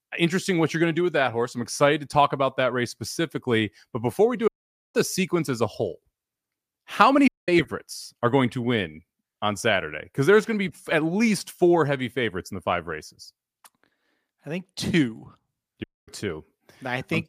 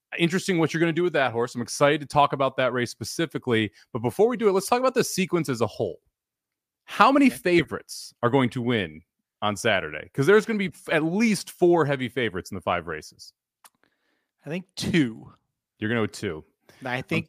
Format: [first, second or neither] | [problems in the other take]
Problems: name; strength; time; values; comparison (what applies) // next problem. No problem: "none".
second | audio cutting out; at 4.5 s, at 7.5 s and at 16 s